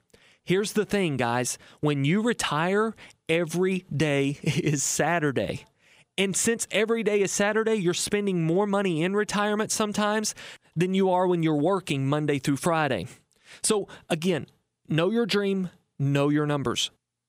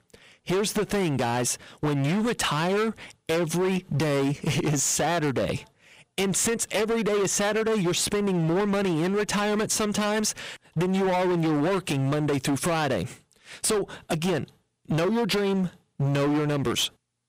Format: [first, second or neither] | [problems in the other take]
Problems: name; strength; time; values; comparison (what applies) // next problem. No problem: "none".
first | distortion; heavy; 25% of the sound clipped